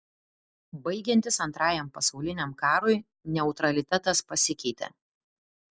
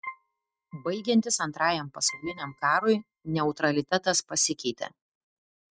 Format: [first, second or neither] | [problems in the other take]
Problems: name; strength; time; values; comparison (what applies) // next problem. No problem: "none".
first | noise reduction (neural mask model RNNoise)